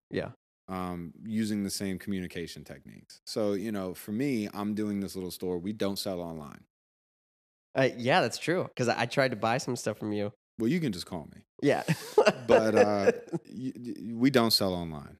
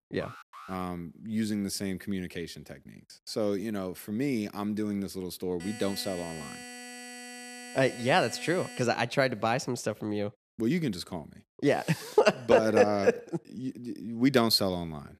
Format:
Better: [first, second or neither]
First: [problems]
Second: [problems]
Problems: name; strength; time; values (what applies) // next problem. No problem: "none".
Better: first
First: none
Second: alarm; faint; at the start and from 5.5 to 9 s; peak 15 dB below the speech